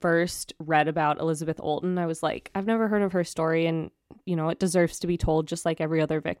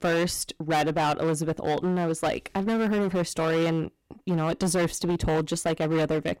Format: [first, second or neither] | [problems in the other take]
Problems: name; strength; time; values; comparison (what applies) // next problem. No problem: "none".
first | distortion; heavy; 18% of the sound clipped